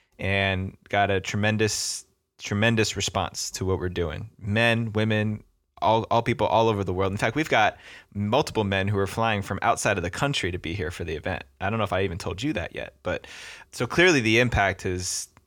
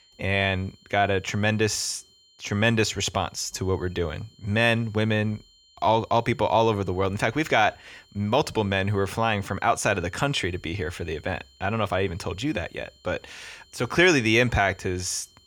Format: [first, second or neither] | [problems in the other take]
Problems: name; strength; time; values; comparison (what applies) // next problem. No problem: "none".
first | high-pitched whine; faint; throughout; 4 kHz, 30 dB below the speech